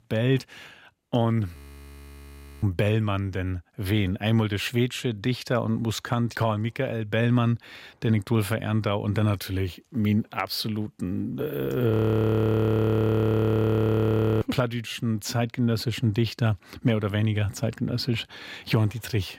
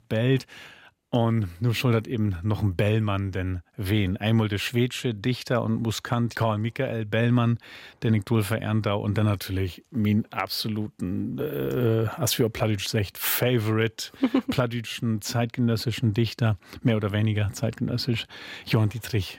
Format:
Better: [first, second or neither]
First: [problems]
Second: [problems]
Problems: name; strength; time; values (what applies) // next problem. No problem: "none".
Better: second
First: audio freezing; at 1.5 s for 1 s and at 12 s for 2.5 s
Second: none